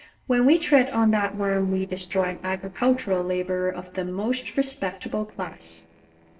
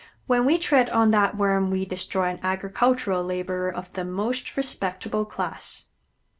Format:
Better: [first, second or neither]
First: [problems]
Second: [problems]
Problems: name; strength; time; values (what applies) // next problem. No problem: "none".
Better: second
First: noise reduction (neural separator model SepFormer DNS4)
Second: none